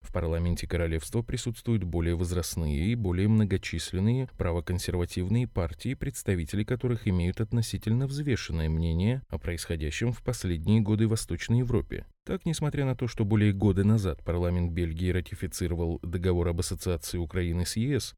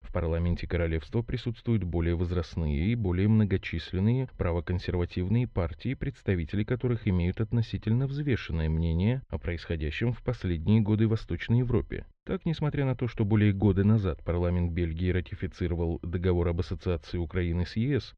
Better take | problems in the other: first | muffled; slightly; fading above 3.5 kHz

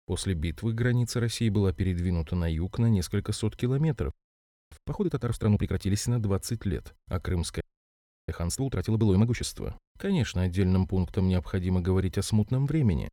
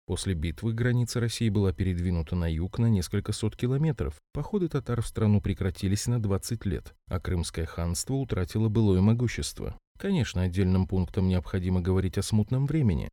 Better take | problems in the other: second | audio freezing; at 4 s for 0.5 s and at 7.5 s for 0.5 s

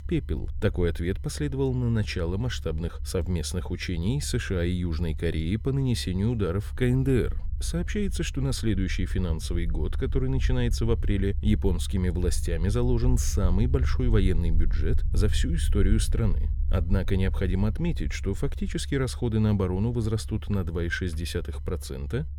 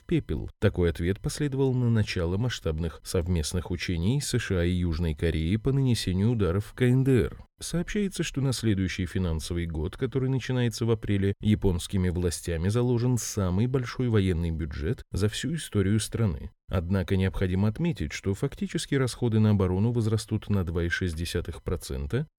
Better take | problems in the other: second | low rumble; noticeable; throughout; 20 dB below the speech

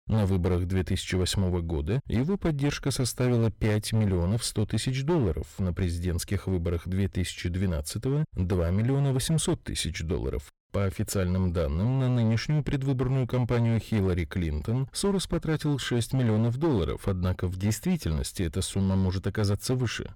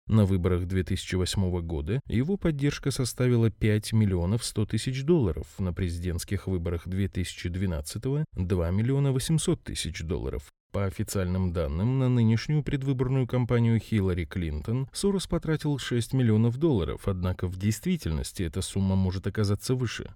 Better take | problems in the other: second | distortion; slight; 12% of the sound clipped

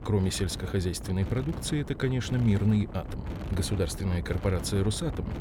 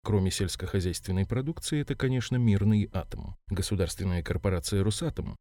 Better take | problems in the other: second | wind noise on the microphone; occasional gusts; 10 dB below the speech

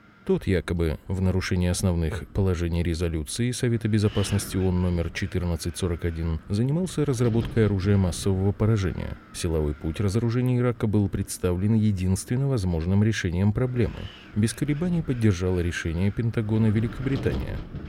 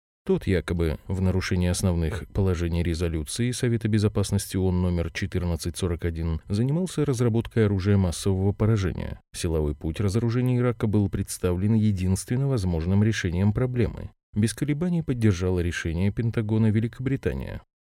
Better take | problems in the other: second | wind noise on the microphone; occasional gusts; 15 dB below the speech

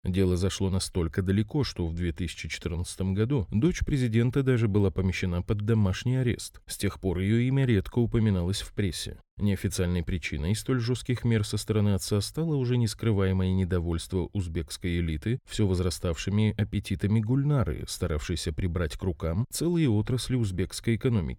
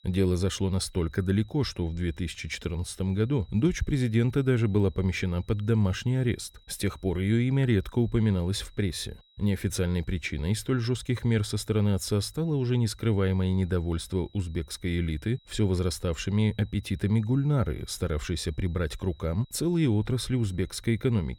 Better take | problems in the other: first | high-pitched whine; faint; throughout; 4 kHz, 30 dB below the speech

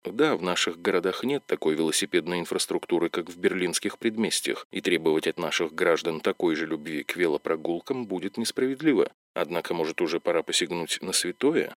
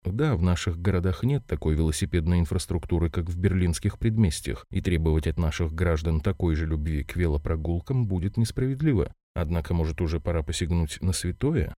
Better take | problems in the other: second | thin; very; fading below 300 Hz

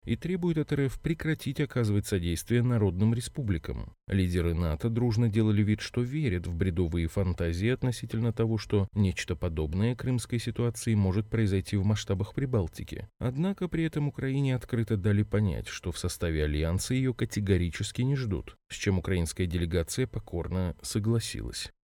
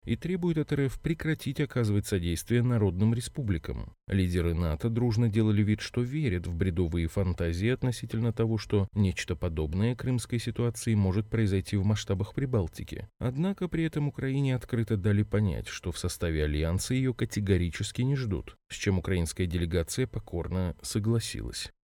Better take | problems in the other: neither | none

